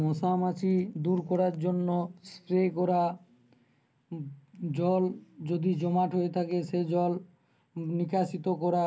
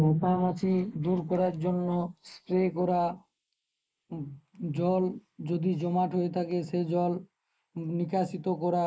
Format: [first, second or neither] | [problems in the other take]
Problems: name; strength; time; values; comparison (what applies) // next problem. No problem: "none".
first | noise reduction (neural mask model Resemble Enhance denoiser)